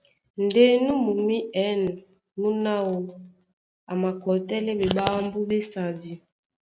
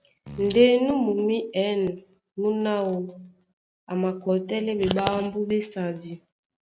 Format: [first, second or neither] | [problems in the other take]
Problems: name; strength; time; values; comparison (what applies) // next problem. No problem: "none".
first | background sound (Fart); 16 dB below the speech